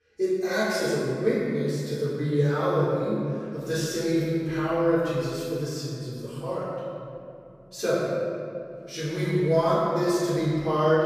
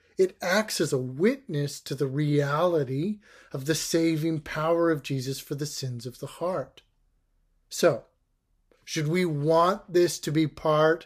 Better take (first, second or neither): second